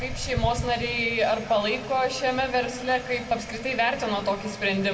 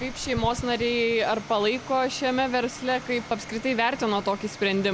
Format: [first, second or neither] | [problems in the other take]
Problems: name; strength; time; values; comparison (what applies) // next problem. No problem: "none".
second | room echo; dies away in 1.5 s